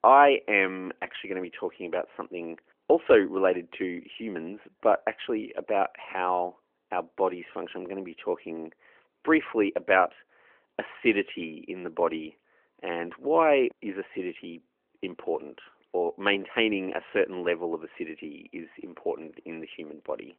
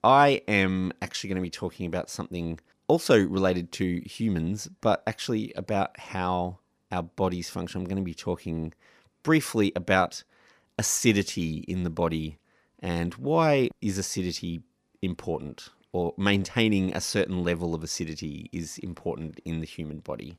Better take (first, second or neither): second